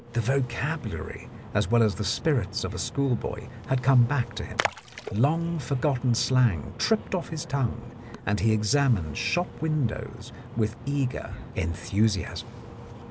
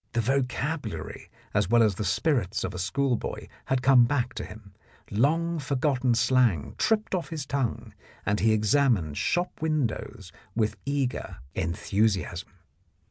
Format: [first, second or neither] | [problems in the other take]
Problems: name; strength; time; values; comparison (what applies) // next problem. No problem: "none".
second | background sound (Splash, splatter); 13 dB below the speech